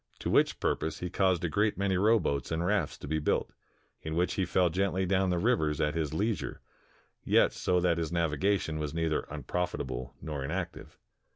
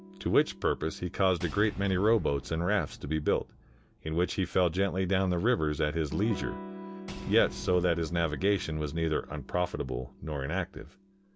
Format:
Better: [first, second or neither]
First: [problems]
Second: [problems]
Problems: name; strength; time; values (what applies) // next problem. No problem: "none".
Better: first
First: none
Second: background sound (Electric guitar / Strum + Shatter / Boom); 16 dB below the speech